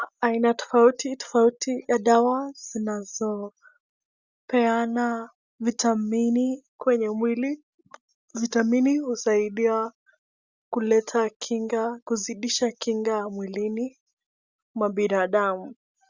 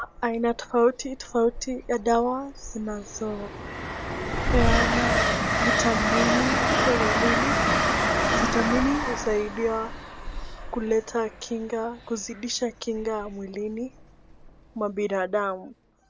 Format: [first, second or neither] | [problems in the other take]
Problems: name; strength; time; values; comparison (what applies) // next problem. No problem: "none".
first | background sound (Train); 1 dB above the speech